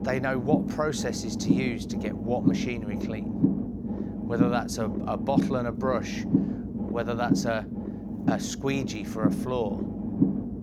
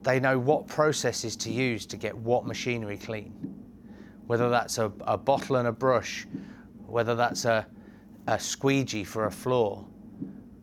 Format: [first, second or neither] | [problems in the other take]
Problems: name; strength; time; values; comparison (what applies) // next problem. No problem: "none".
second | low rumble; loud; throughout; 3 dB below the speech; faint in the second